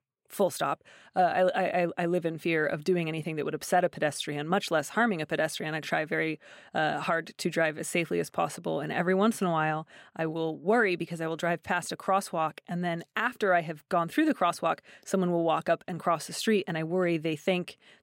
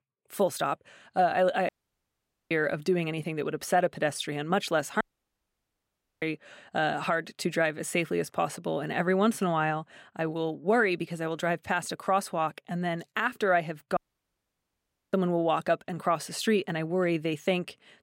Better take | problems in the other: first | audio cutting out; at 1.5 s for 1 s, at 5 s for 1 s and at 14 s for 1 s

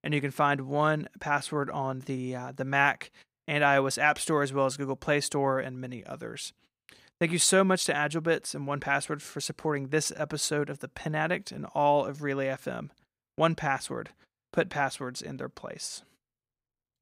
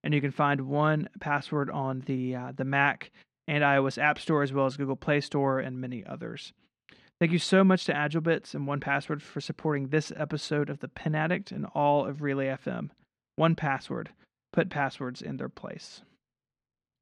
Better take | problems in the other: first | muffled; very slightly; fading above 3.5 kHz

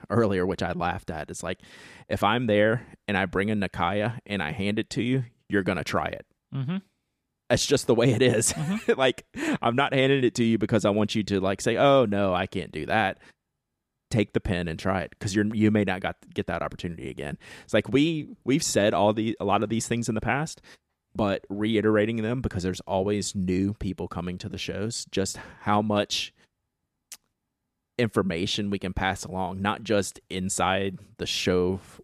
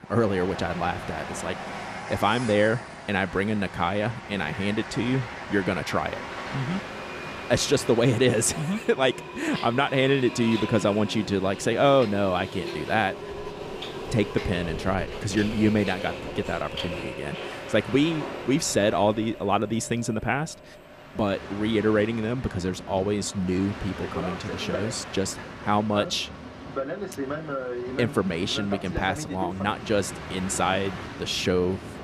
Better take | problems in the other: first | train or aircraft noise; loud; throughout; 10 dB below the speech

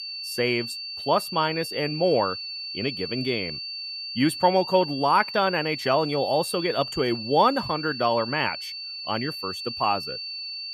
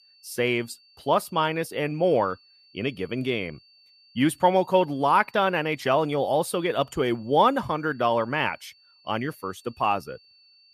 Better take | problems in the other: second | high-pitched whine; loud; throughout; 4.5 kHz, 7 dB below the speech; faint in the second

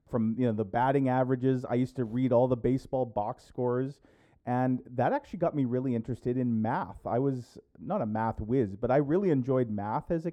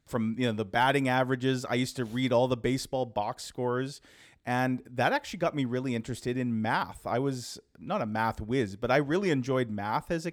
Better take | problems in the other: second | muffled; very; fading above 1.5 kHz

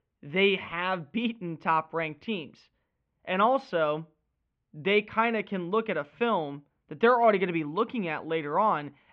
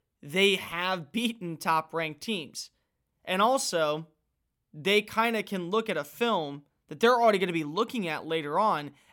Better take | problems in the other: second | muffled; very; fading above 3 kHz

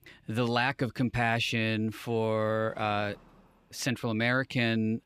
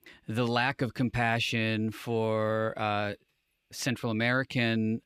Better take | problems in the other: second | traffic noise; faint; throughout; 30 dB below the speech

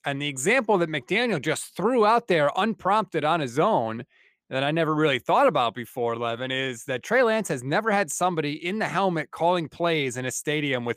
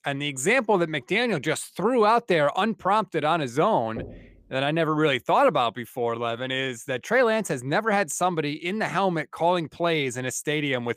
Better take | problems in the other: first | door banging; faint; at 4 s; peak 15 dB below the speech

